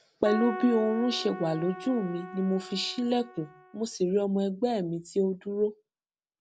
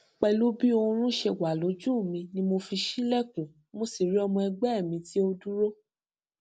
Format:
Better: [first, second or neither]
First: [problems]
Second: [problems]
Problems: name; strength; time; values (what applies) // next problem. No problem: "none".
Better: second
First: background sound (Keyboard (musical)); 11 dB below the speech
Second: none